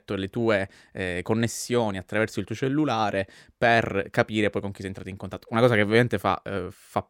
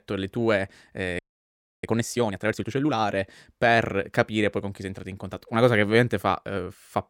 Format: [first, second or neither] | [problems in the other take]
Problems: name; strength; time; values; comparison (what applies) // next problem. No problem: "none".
first | audio freezing; at 1 s for 0.5 s